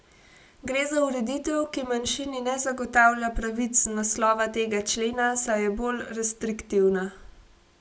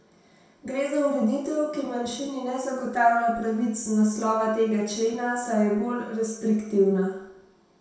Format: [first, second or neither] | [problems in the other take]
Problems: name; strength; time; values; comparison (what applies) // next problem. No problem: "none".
first | room echo; dies away in 0.7 s